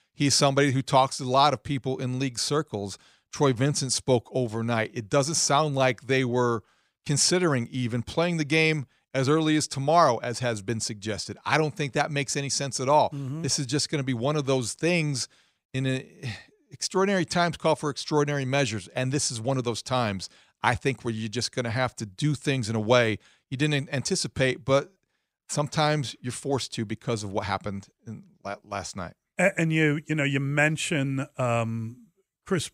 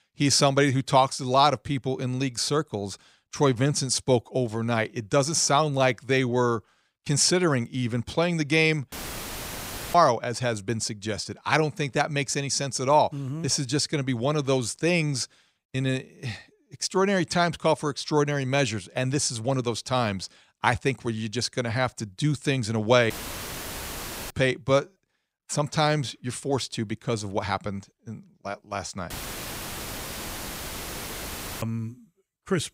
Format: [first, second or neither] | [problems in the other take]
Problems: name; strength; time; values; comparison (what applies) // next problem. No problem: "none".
first | audio cutting out; filled with static; at 9 s for 1 s, at 23 s for 1 s and at 29 s for 2.5 s